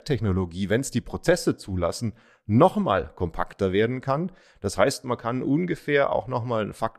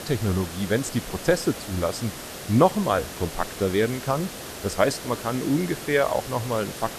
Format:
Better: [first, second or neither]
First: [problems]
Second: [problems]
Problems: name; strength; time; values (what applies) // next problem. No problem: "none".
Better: first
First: none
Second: hiss; noticeable; throughout; 10 dB below the speech